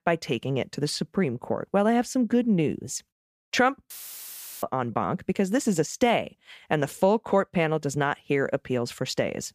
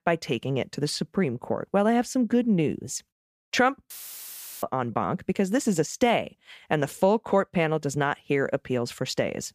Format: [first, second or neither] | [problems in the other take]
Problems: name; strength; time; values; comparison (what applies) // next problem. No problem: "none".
neither | audio cutting out; filled with static; at 4 s for 0.5 s; the same in both